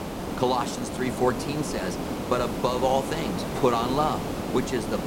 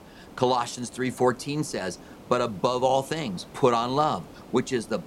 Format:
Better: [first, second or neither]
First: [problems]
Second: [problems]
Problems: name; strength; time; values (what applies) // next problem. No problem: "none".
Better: second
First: hiss; loud; throughout; 4 dB below the speech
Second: hiss; faint; throughout; 20 dB below the speech